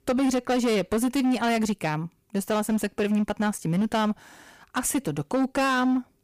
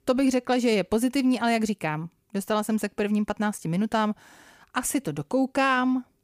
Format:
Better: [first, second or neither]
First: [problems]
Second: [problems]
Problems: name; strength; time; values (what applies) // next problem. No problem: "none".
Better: second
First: distortion; slight; 15% of the sound clipped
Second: none